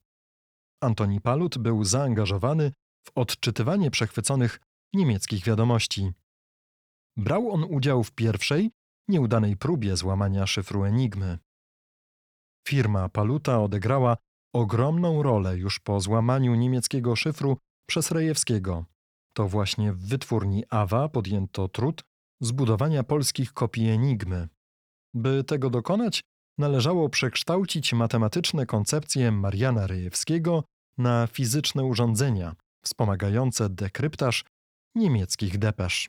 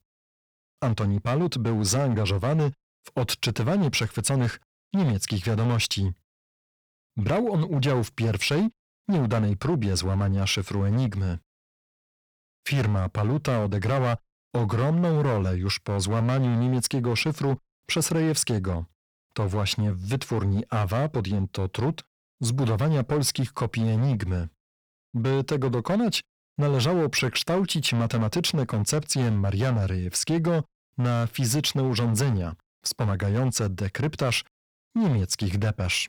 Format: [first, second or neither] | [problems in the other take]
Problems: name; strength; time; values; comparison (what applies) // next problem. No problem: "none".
first | distortion; slight; 11% of the sound clipped